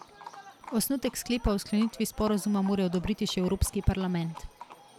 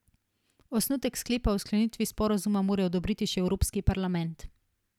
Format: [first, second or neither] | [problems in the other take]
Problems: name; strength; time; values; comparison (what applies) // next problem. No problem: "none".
second | background sound (Livestock, farm animals, working animals); 18 dB below the speech